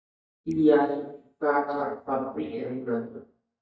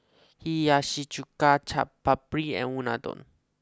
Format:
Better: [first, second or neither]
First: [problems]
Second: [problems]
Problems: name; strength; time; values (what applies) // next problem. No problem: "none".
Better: second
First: noise reduction (neural mask model DeepFilterNet 3)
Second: none